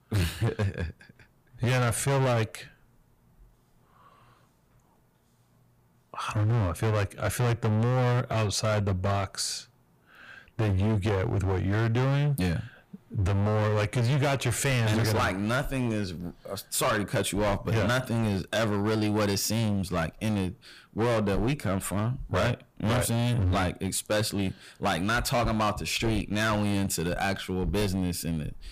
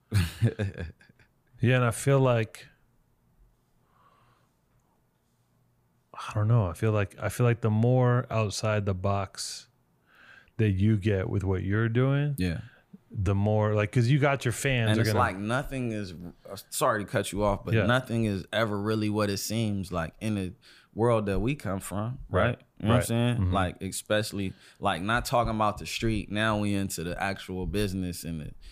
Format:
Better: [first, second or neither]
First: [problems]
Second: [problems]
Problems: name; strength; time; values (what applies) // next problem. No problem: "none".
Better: second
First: distortion; heavy; 19% of the sound clipped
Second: none